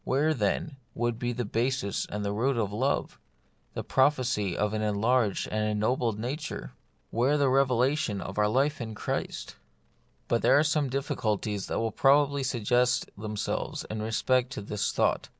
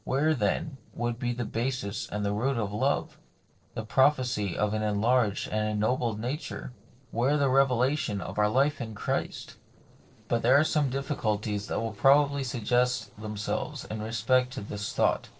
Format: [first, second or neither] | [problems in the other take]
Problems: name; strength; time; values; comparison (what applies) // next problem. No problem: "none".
first | noise reduction (neural separator model SepFormer DNS4)